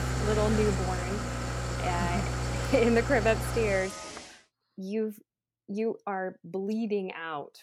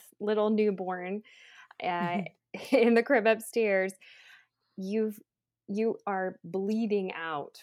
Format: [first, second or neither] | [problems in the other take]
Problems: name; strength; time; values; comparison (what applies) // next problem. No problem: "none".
second | traffic noise; loud; until 4 s; 2 dB below the speech